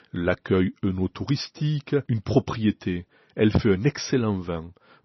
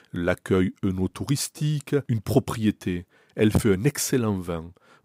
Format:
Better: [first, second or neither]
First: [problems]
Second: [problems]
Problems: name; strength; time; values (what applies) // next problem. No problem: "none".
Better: second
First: garbled, watery; slightly; nothing above 6 kHz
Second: none